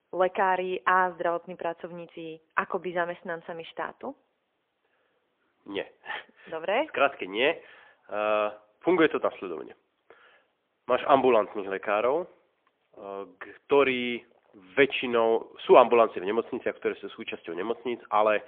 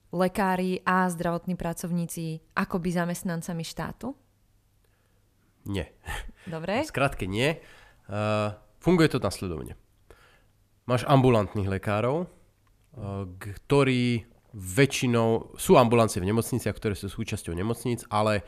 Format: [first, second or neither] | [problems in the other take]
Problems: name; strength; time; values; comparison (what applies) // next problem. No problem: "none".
second | phone-call audio; poor line; nothing above 3.5 kHz